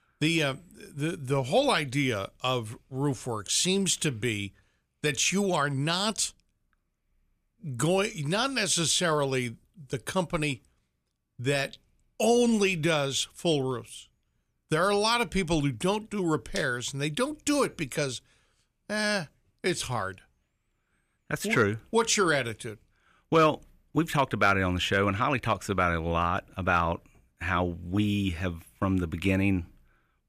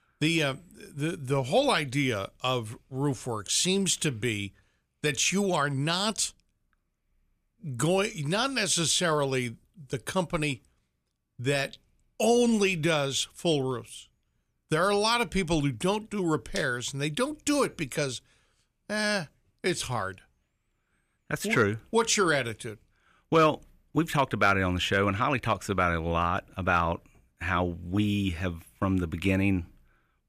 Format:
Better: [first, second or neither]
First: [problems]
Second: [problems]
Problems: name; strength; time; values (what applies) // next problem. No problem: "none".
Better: neither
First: none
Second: none